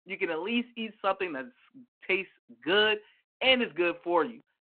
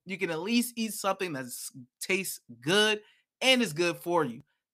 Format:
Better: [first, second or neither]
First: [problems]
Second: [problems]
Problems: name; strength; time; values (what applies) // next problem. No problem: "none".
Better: second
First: phone-call audio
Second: none